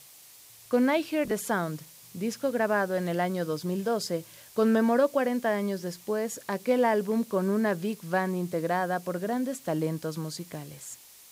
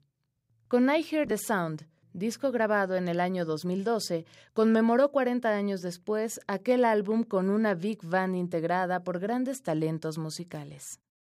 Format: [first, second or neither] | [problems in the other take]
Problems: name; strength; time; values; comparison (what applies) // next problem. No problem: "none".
second | hiss; faint; throughout; 20 dB below the speech